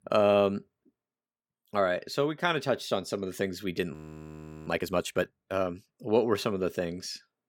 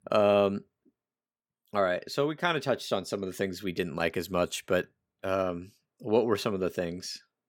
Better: second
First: audio freezing; at 4 s for 0.5 s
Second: none

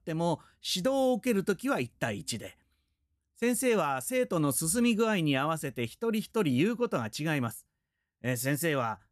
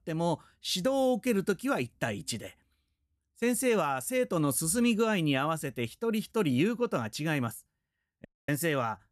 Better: first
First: none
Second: audio cutting out; at 8.5 s

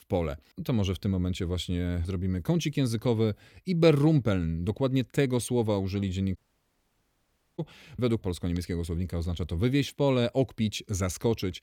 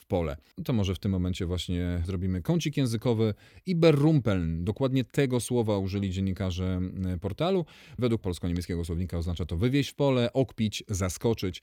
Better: second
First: audio cutting out; at 6.5 s for 1 s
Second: none

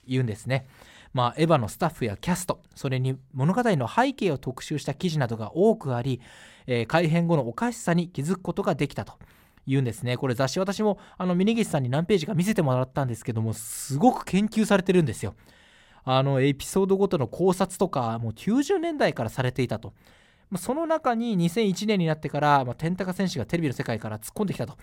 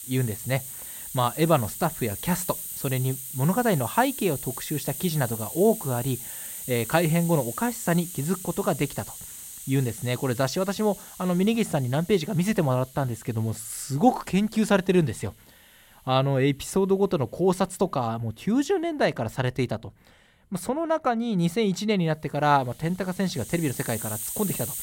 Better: first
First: none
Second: hiss; loud; throughout; 9 dB below the speech

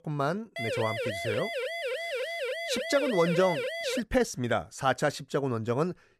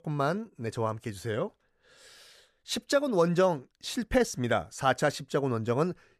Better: second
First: siren; noticeable; from 0.5 to 4 s; peak 2 dB below the speech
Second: none

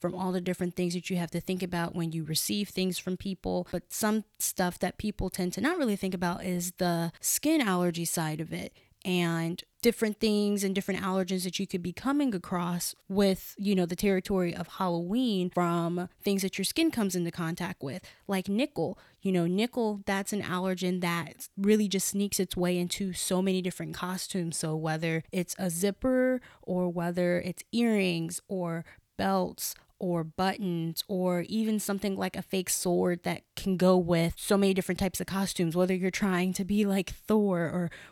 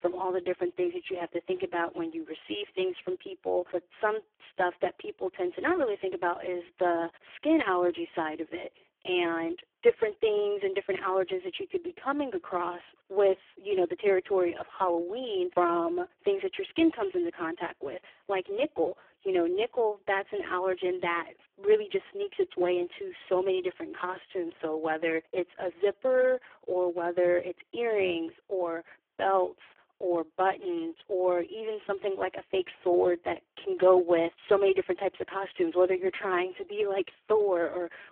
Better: first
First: none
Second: phone-call audio; poor line

